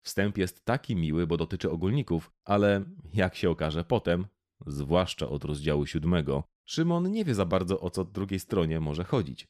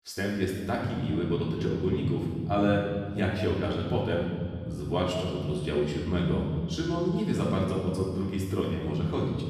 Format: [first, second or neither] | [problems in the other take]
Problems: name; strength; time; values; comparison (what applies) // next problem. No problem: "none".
first | room echo; noticeable; dies away in 2.5 s // off-mic speech; far